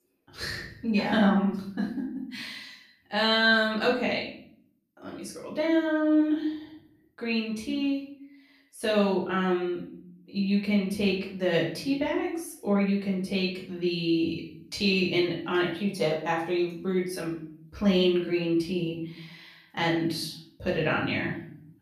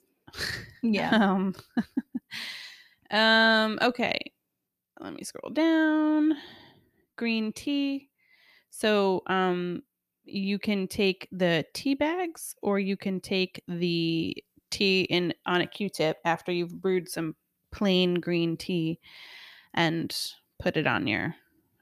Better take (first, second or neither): second